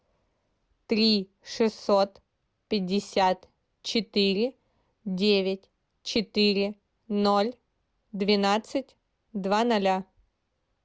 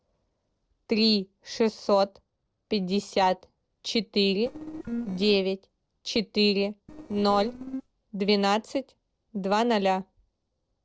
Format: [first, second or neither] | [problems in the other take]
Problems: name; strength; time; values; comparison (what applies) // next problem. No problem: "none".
first | noise reduction (neural separator model SepFormer DNS4)